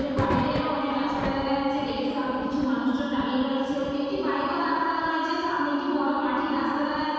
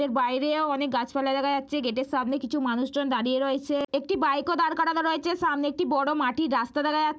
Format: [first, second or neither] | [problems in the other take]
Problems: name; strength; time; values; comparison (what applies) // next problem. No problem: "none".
second | background sound (Thunder); 12 dB below the speech // room echo; dies away in 2.1 s